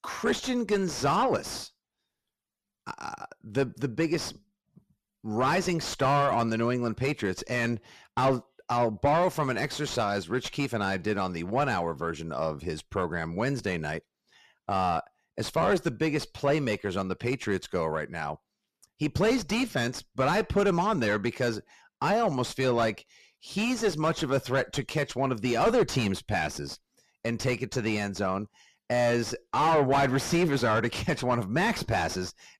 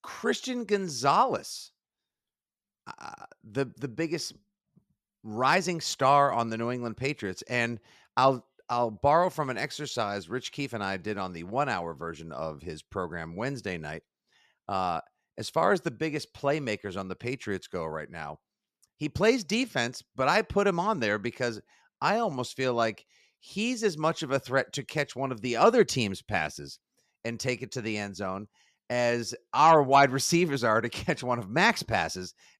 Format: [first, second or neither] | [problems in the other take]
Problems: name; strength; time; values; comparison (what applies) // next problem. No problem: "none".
second | distortion; heavy; 5 dB below the speech